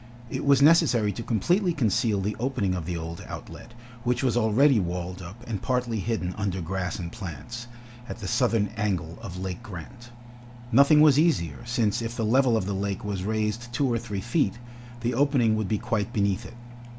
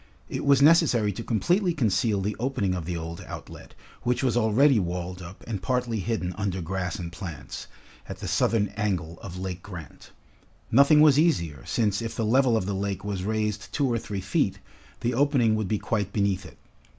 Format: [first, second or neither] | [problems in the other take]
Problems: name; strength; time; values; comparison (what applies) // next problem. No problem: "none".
second | background sound (Engine); 17 dB below the speech